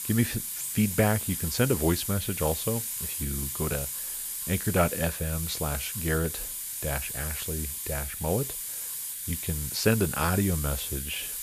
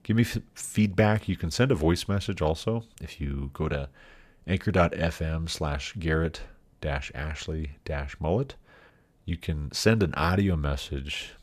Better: second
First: hiss; loud; throughout; 2 dB below the speech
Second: none

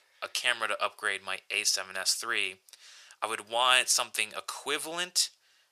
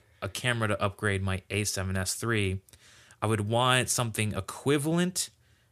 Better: second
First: thin; very; fading below 800 Hz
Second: none

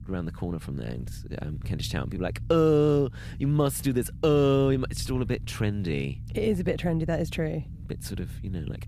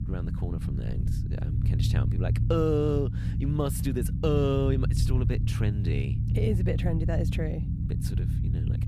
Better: first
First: low rumble; faint; throughout; 25 dB below the speech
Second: low rumble; loud; throughout; 8 dB below the speech

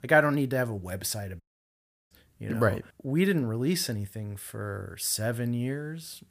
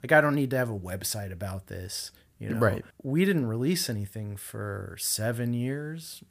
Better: second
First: audio cutting out; at 1.5 s for 0.5 s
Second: none

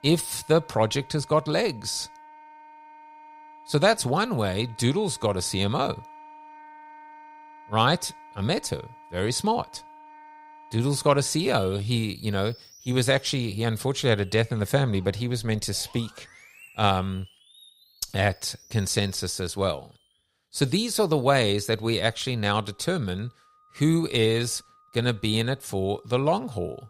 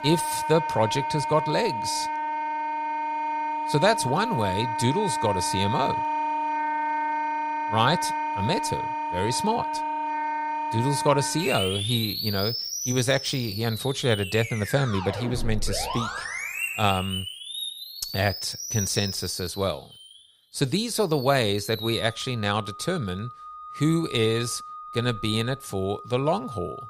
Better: first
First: background music; faint; throughout; 25 dB below the speech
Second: background music; loud; throughout; 3 dB below the speech

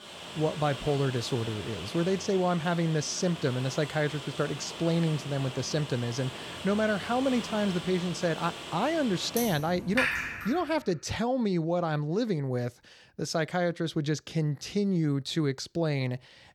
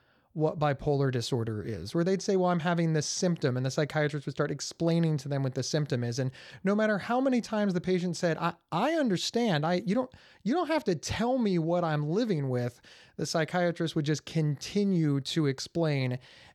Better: second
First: rain or running water; loud; until 10 s; 8 dB below the speech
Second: none

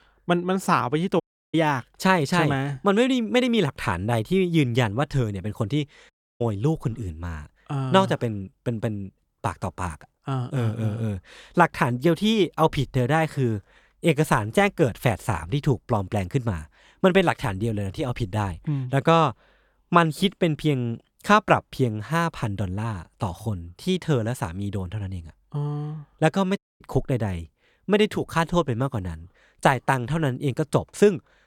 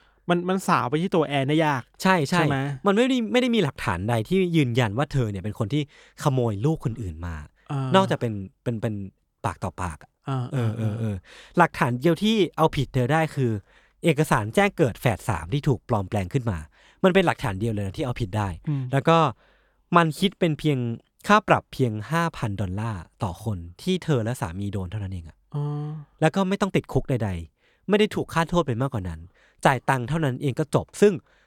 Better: second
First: audio cutting out; at 1 s, at 6 s and at 27 s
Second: none

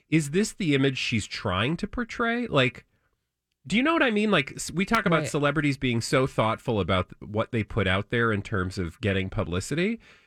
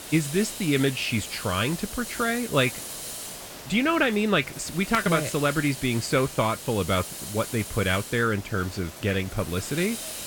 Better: first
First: none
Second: hiss; noticeable; throughout; 10 dB below the speech

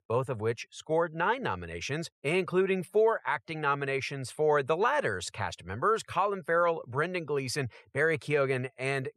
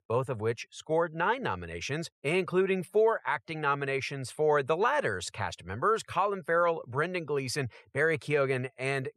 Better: neither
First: none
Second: none

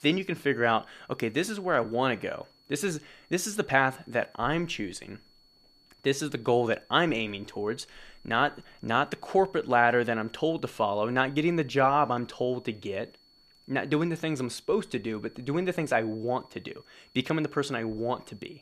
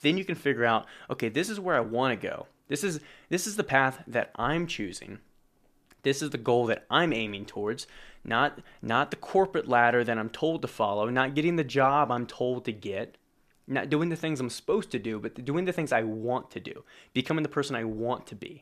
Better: second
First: high-pitched whine; faint; throughout; 4.5 kHz, 30 dB below the speech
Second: none

